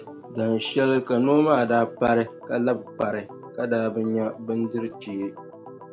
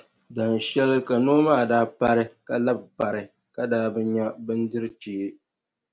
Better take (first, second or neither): second